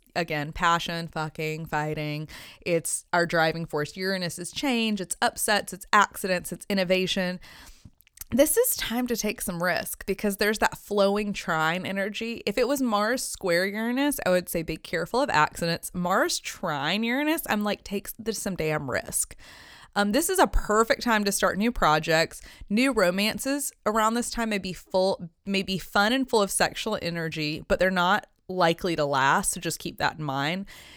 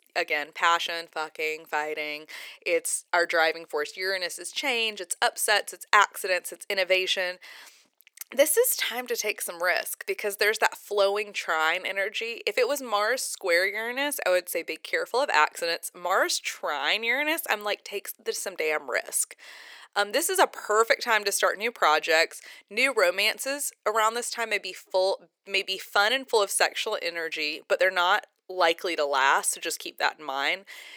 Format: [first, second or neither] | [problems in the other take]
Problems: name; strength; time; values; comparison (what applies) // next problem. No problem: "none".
first | thin; very; fading below 400 Hz